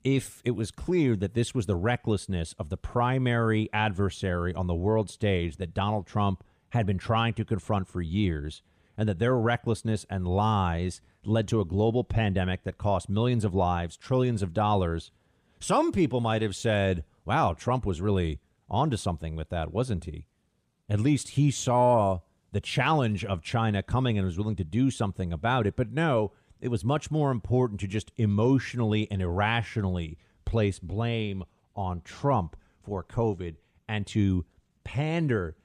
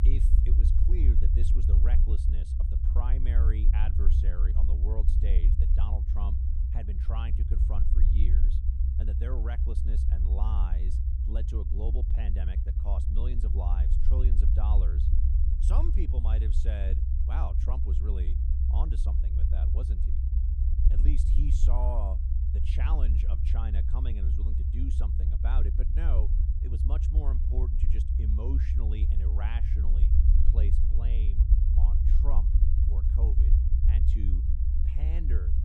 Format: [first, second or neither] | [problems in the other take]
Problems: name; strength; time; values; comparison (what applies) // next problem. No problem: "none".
first | low rumble; loud; throughout; 1 dB below the speech